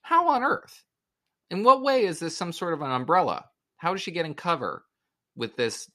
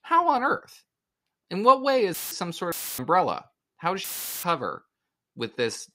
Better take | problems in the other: first | audio cutting out; filled with static; at 2 s, at 2.5 s and at 4 s

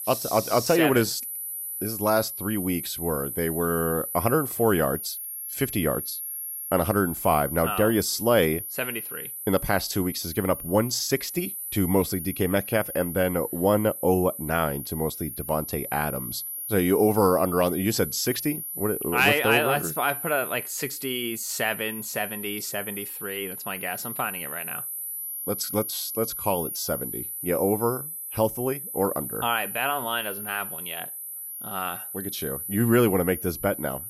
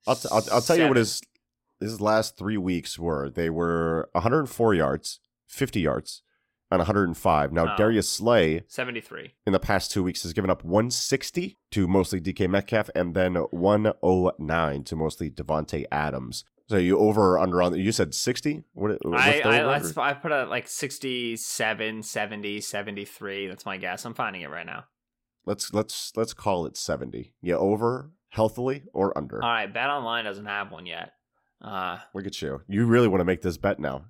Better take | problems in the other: second | high-pitched whine; loud; throughout; 12 kHz, 6 dB below the speech

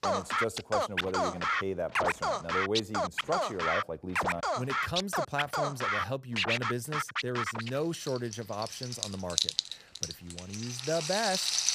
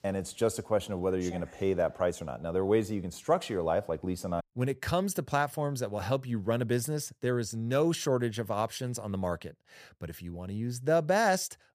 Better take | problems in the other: second | background music; very loud; throughout; 4 dB above the speech

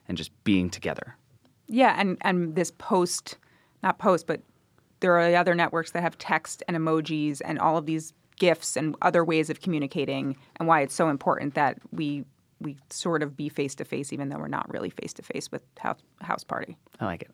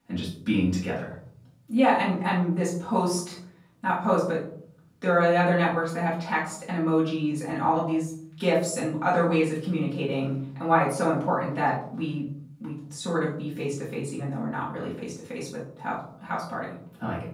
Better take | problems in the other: first | off-mic speech; far // room echo; noticeable; dies away in 0.6 s

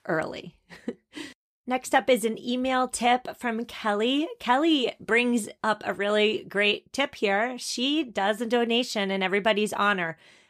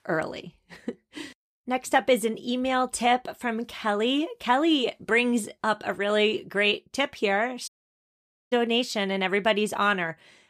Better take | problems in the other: first | audio cutting out; at 7.5 s for 1 s

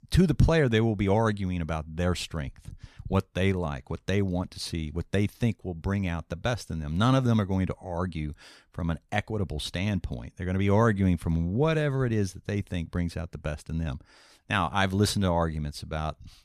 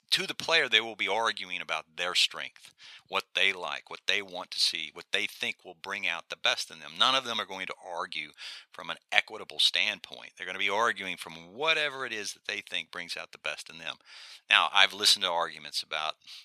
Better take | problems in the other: first | thin; very; fading below 850 Hz

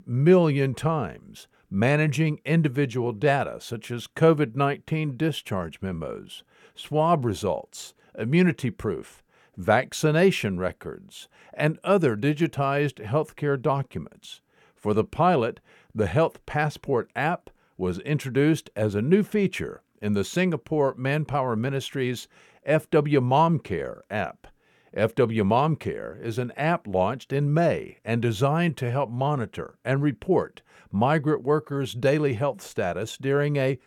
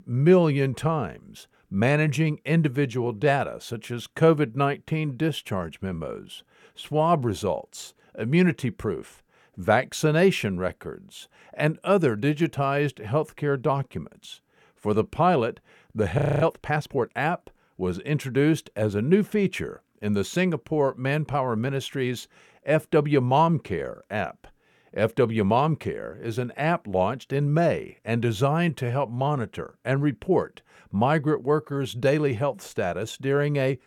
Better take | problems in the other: first | audio freezing; at 16 s

